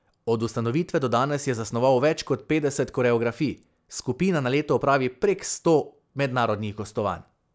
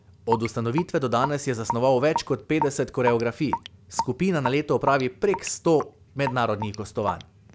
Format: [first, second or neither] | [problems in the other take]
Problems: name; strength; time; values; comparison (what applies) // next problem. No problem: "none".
first | background sound (Raindrop / Drip); 9 dB below the speech